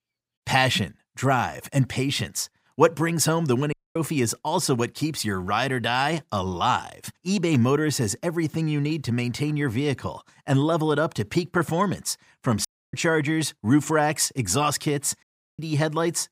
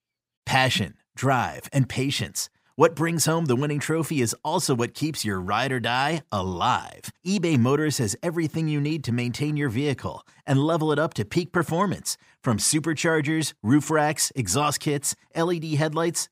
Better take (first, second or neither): second